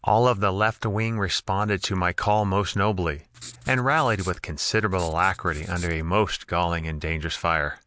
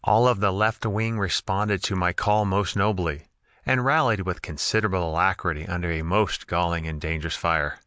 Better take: second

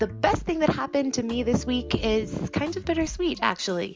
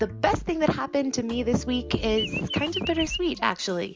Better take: first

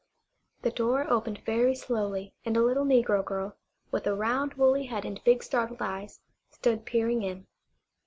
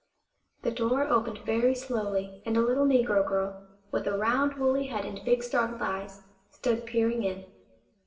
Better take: first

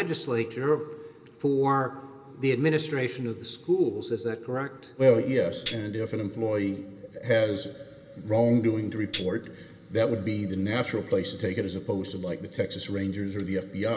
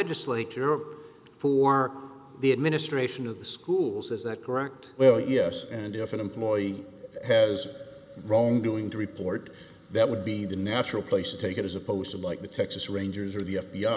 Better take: second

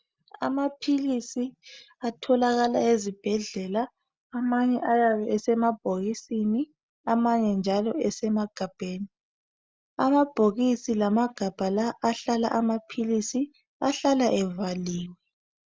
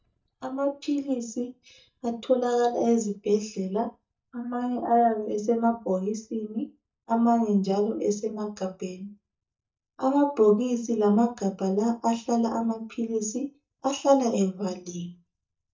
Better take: first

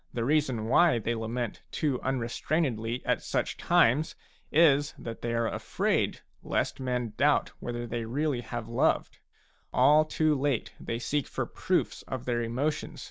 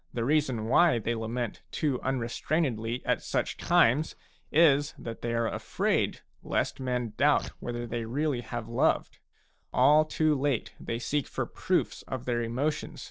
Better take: first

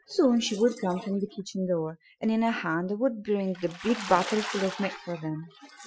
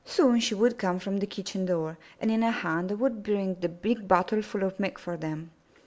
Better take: second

